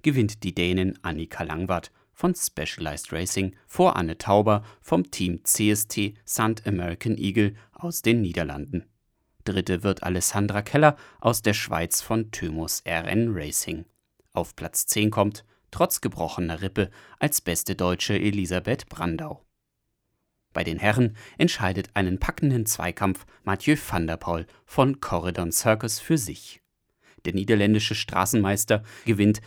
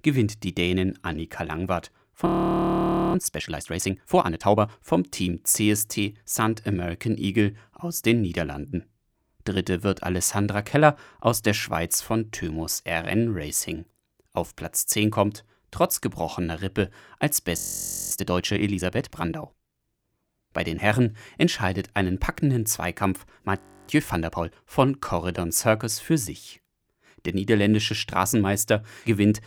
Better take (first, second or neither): first